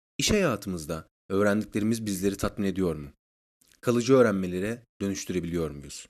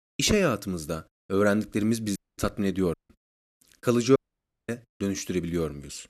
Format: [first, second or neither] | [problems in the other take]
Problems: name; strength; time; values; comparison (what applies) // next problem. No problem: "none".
first | audio cutting out; at 2 s, at 3 s and at 4 s for 0.5 s